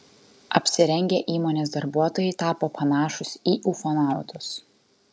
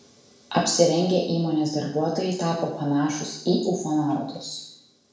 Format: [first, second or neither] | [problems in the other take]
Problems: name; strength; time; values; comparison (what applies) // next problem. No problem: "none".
first | room echo; dies away in 0.6 s